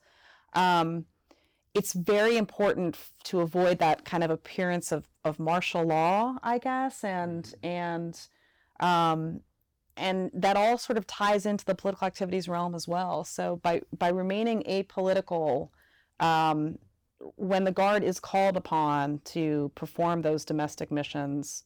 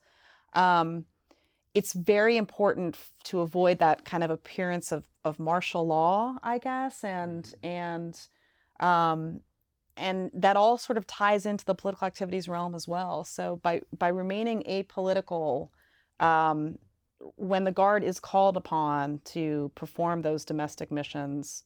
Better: second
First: distortion; slight; 5% of the sound clipped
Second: none

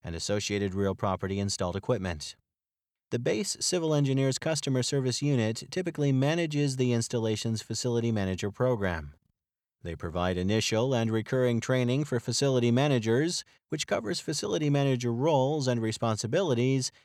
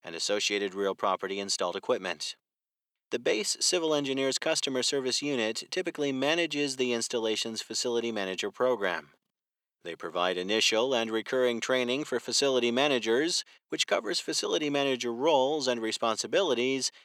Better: first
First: none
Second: thin; somewhat; fading below 300 Hz

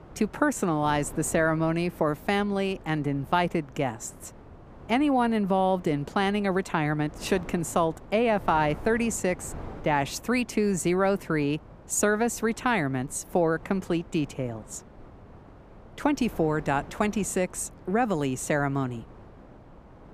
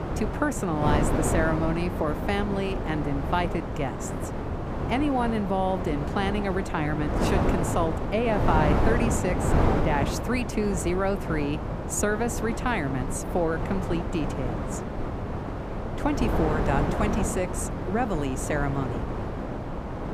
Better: first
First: wind noise on the microphone; occasional gusts; 20 dB below the speech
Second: wind noise on the microphone; heavy; 3 dB below the speech

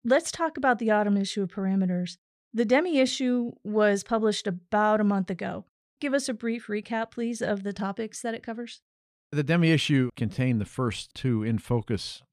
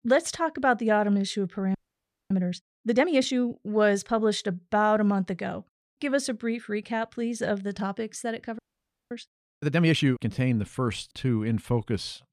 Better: first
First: none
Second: audio freezing; at 2 s for 0.5 s and at 8.5 s for 0.5 s

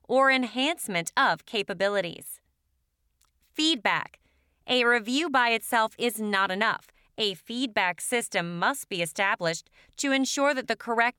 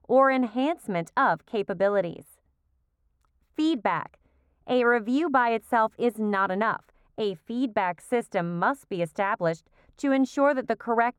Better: first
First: none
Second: muffled; very; fading above 1.5 kHz

